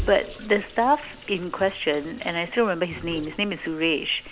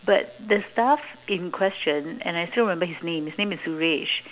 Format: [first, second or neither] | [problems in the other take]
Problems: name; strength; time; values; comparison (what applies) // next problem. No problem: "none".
second | background sound (Sink (filling or washing) / Water tap, faucet); 15 dB below the speech